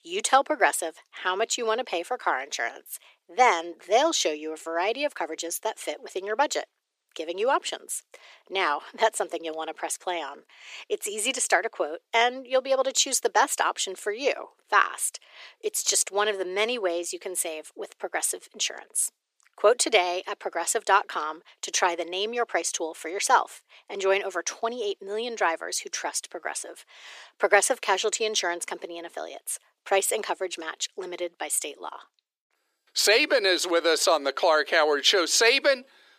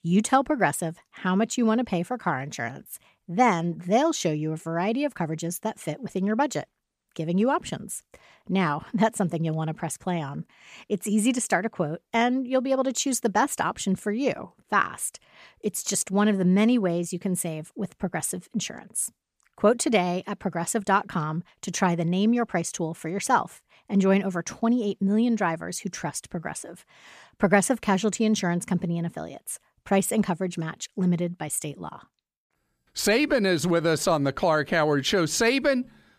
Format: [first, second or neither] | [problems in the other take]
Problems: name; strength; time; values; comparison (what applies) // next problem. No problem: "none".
second | thin; very; fading below 350 Hz